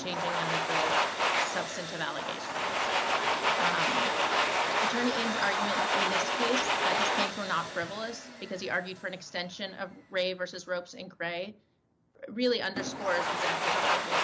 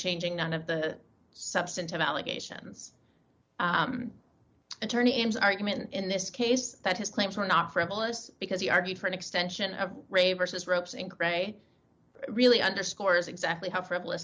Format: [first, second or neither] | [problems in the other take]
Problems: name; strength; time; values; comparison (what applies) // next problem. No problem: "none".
second | background sound (Domestic sounds, home sounds); 4 dB above the speech